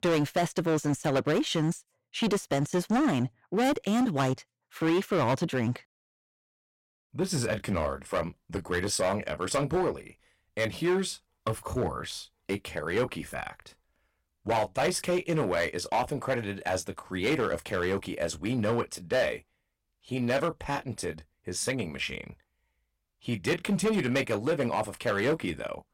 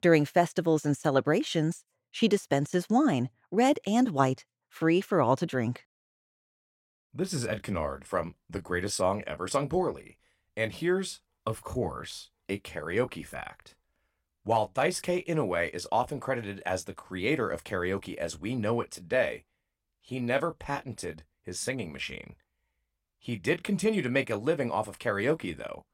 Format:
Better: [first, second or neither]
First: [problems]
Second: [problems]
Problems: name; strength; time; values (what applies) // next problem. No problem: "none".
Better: second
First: distortion; heavy; 8% of the sound clipped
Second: none